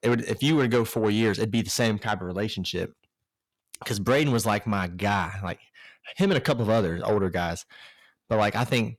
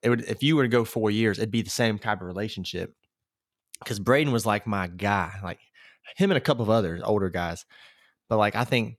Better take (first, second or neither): second